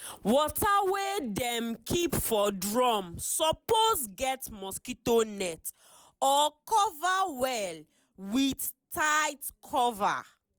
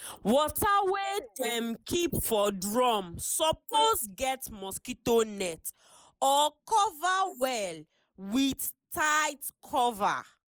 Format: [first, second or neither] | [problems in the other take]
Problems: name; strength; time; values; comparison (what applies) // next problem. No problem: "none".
first | noise reduction (neural mask model Resemble Enhance denoiser)